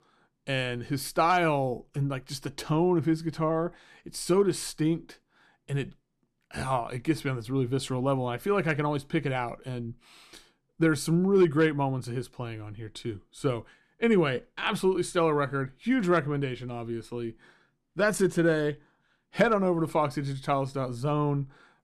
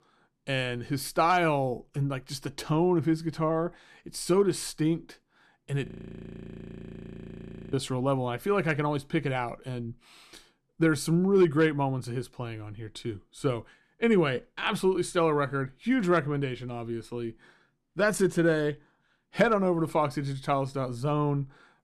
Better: first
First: none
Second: audio freezing; at 6 s for 2 s

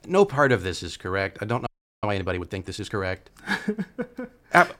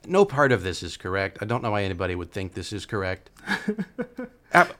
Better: second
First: audio freezing; at 1.5 s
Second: none

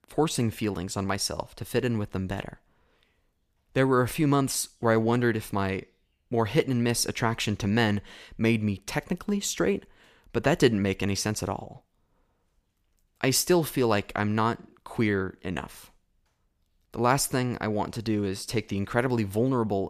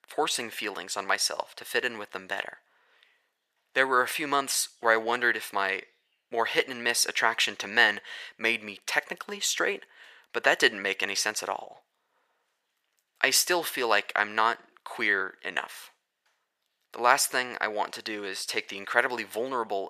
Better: first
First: none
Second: thin; very; fading below 650 Hz

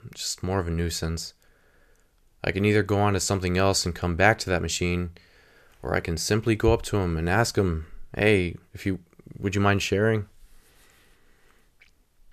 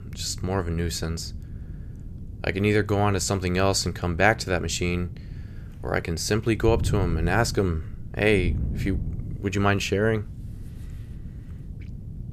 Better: first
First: none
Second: wind noise on the microphone; occasional gusts; 20 dB below the speech

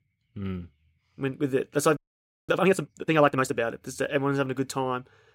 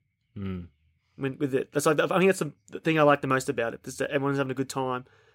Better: second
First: audio freezing; at 2 s for 0.5 s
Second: none

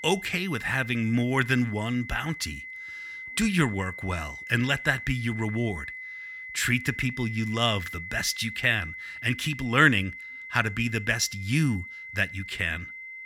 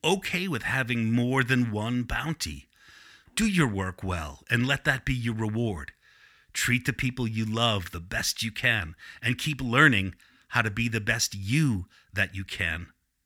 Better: second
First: high-pitched whine; noticeable; throughout; 2 kHz, 10 dB below the speech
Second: none

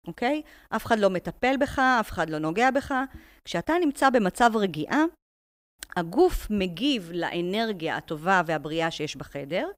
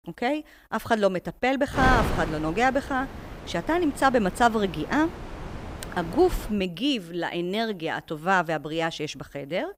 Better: first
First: none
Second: wind noise on the microphone; occasional gusts; from 2 to 6.5 s; 10 dB below the speech

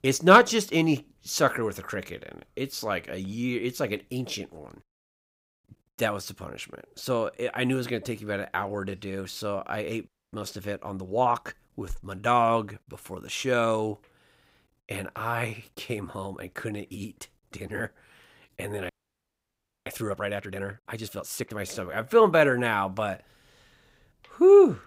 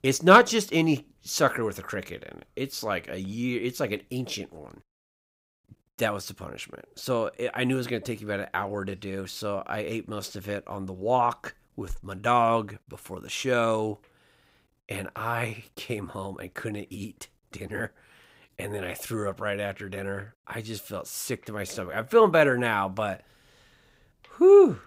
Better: second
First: audio freezing; at 10 s and at 19 s for 1 s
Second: none

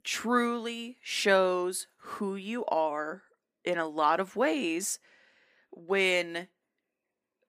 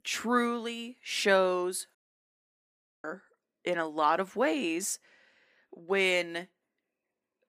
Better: first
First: none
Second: audio cutting out; at 2 s for 1 s

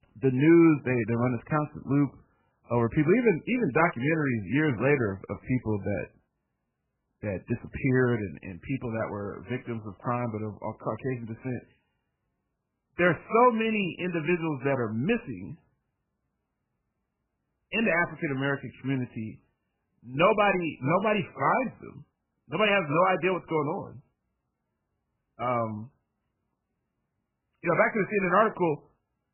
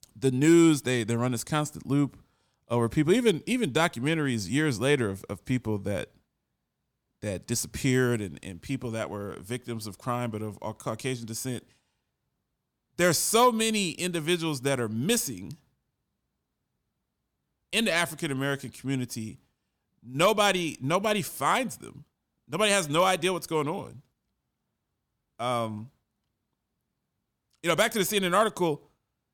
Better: second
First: garbled, watery; badly; nothing above 3 kHz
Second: none

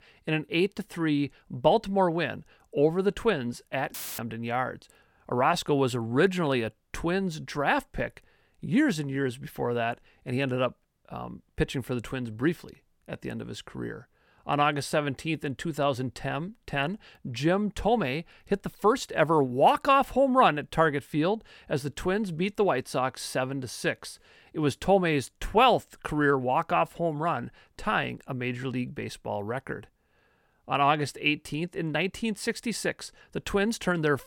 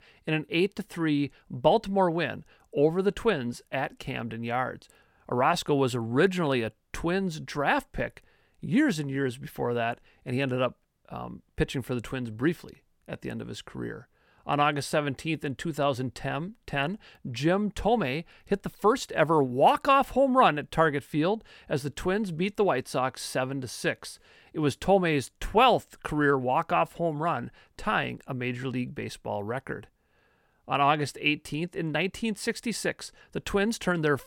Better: second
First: audio cutting out; filled with static; at 4 s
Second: none

